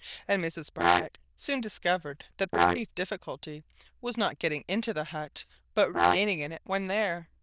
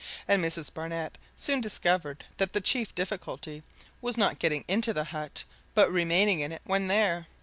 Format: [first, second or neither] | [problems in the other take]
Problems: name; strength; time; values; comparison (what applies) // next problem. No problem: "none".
second | noise reduction (neural diffusion model UNIVERSE++)